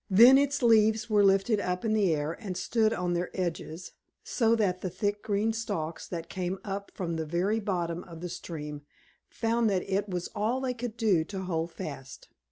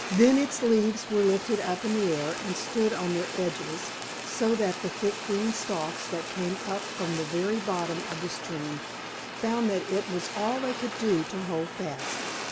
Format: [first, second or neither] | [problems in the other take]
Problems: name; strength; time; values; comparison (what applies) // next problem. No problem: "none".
first | background sound (Fire); 7 dB below the speech